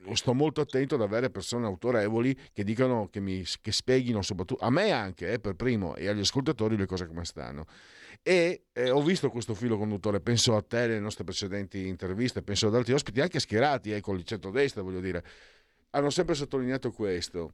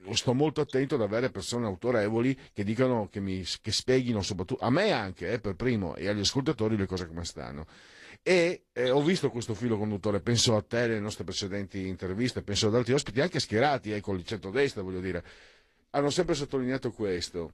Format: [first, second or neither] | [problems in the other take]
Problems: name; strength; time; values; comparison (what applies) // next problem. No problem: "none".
first | garbled, watery; slightly; nothing above 11.5 kHz